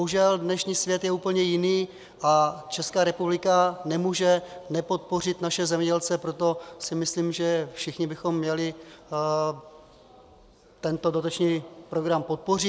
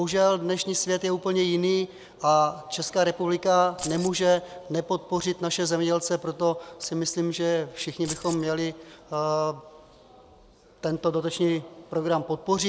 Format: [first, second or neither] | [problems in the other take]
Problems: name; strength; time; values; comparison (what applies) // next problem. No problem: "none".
first | background sound (Keys jangling); 12 dB below the speech